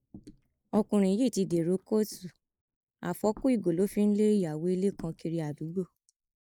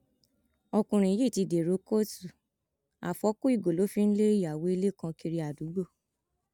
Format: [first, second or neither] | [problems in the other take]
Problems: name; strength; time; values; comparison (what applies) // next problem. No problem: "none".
second | noise reduction (neural mask model Resemble Enhance denoiser)